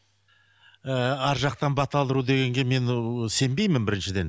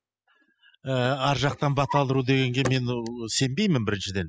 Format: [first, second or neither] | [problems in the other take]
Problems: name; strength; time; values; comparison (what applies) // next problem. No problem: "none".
first | noise reduction (classical method spectral subtraction)